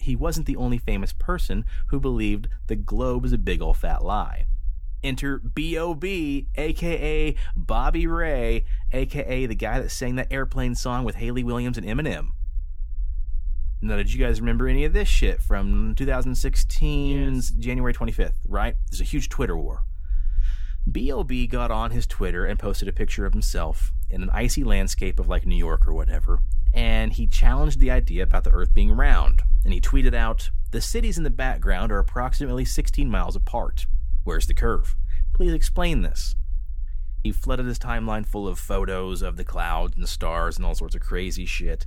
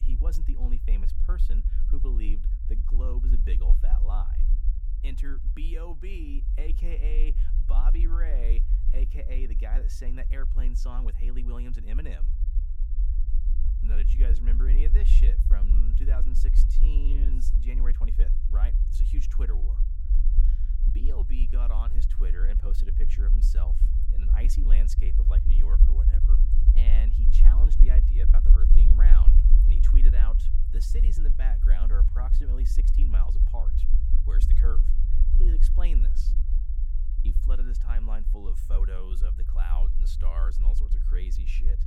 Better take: first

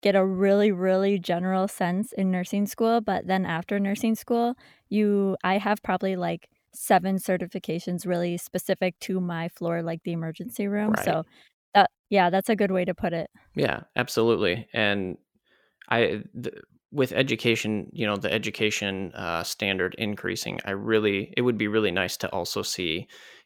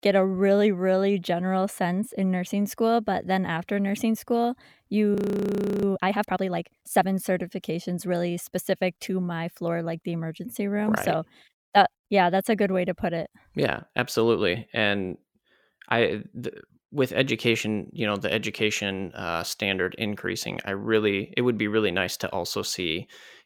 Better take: first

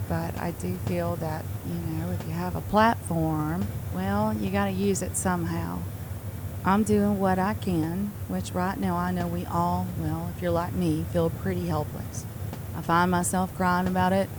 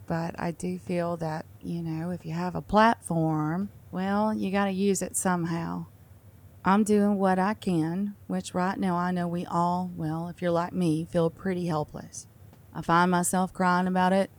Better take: second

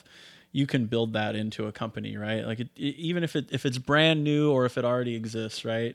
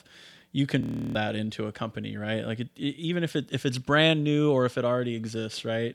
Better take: first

